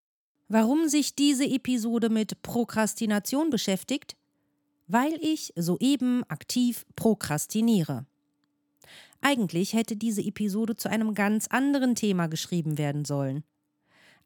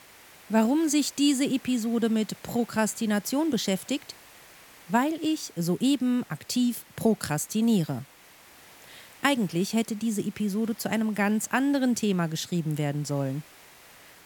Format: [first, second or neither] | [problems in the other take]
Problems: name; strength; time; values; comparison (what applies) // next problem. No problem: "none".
first | hiss; faint; throughout; 25 dB below the speech